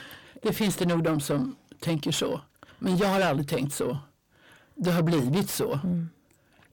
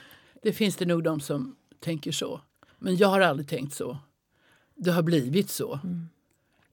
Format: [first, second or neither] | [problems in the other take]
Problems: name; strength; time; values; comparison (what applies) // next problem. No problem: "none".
second | distortion; heavy; 6 dB below the speech